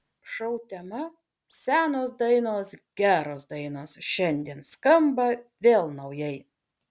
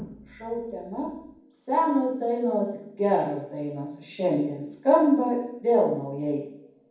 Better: first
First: none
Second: room echo; dies away in 1.2 s

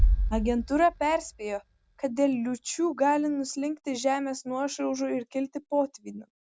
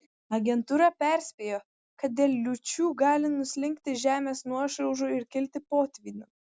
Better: second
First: background sound (Bass drum); 4 dB below the speech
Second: none

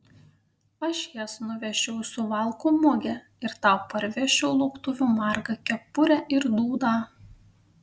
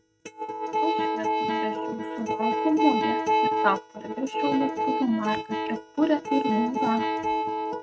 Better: first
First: none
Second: noise reduction (neural mask model RNNoise)

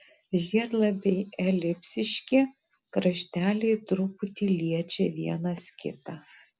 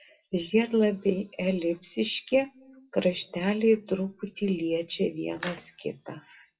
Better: first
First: none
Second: noise reduction (classical method WPE with log-MMSE)

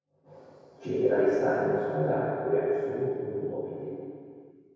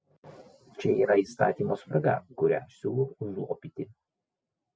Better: second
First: room echo; dies away in 2.2 s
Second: none

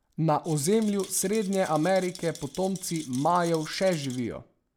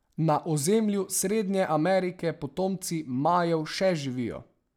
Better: second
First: background sound (Rattle); 18 dB below the speech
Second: none

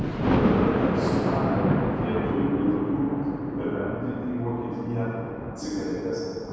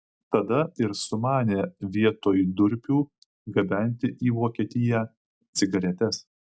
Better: second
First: background sound (Thunder); 1 dB above the speech // room echo; dies away in 2.2 s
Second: none

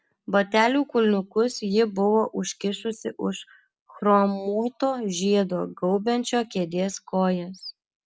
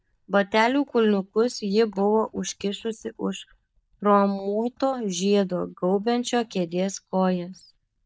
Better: first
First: none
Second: noise reduction (neural mask model DeepFilterNet 3)

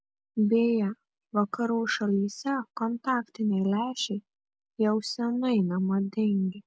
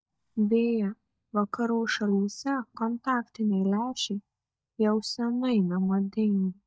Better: first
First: none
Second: noise reduction (neural mask model DeepFilterNet 3)

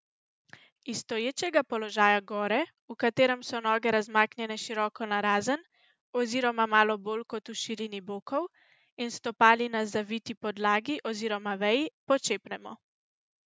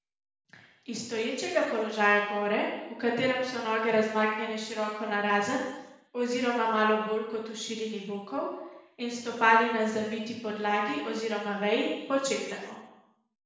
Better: first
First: none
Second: room echo; dies away in 1 s

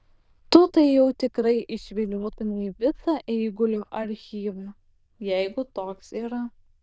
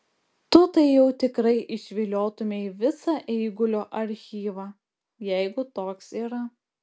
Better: second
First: noise reduction (neural diffusion model UNIVERSE++)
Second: none

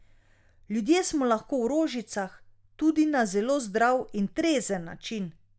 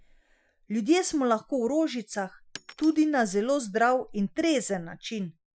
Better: first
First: none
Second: noise reduction (classical method Wiener filter)

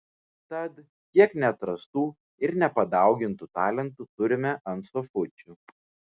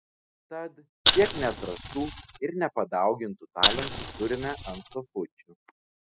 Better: first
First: none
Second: noise reduction (classical method spectral subtraction)

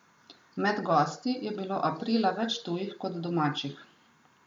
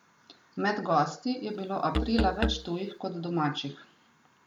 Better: first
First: none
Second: background sound (Musical instrument); 1 dB below the speech

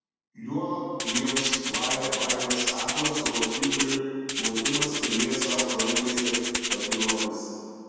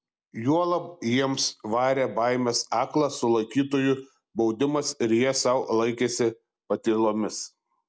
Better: second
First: background sound (Rattle (instrument)); 2 dB above the speech // room echo; dies away in 2.1 s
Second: none

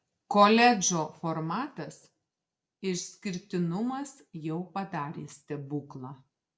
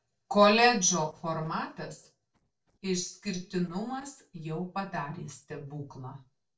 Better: first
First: none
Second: noise reduction (neural separator model SepFormer DNS4)

